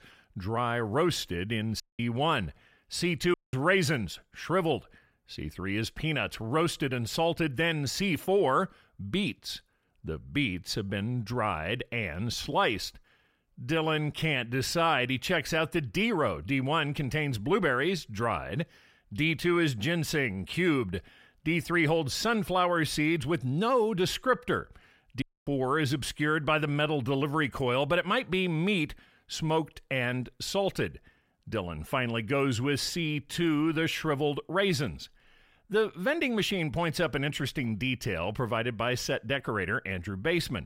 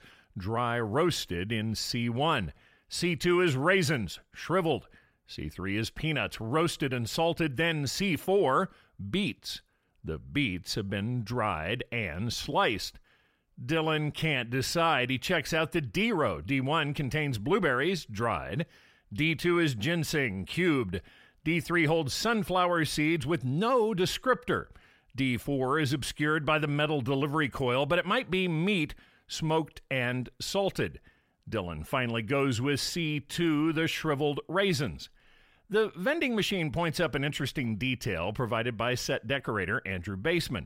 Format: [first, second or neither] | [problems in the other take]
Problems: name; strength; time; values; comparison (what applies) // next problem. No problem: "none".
second | audio cutting out; at 2 s, at 3.5 s and at 25 s